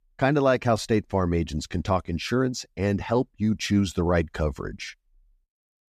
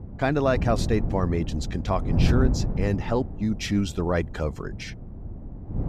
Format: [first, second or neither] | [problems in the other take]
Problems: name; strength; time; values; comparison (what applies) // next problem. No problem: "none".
first | wind noise on the microphone; heavy; 10 dB below the speech